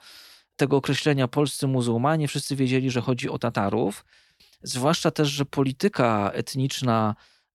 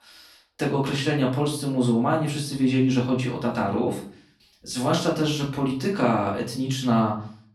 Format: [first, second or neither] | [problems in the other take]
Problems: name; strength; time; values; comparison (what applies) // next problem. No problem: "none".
first | off-mic speech; far // room echo; slight; dies away in 0.4 s